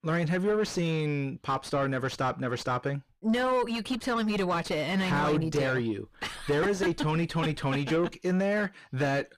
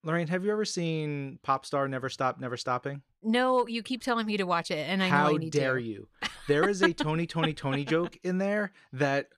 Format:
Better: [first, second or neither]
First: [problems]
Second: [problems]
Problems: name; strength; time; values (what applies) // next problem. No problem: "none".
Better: second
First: distortion; heavy; 6 dB below the speech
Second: none